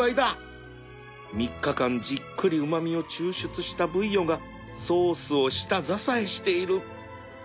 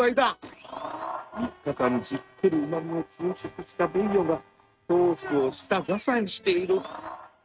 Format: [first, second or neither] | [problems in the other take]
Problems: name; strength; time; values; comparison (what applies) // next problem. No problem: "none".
first | noise reduction (neural mask model RNNoise)